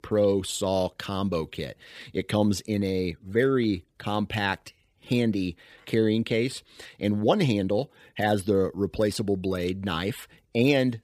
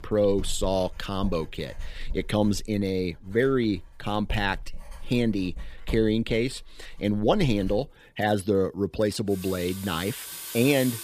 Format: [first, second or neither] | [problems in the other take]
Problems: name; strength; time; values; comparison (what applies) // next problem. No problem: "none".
first | household noises; noticeable; throughout; 15 dB below the speech